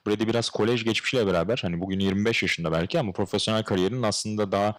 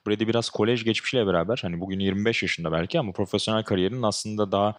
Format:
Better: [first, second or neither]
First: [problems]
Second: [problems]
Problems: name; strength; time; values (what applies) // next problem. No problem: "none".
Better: second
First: distortion; slight; 5% of the sound clipped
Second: none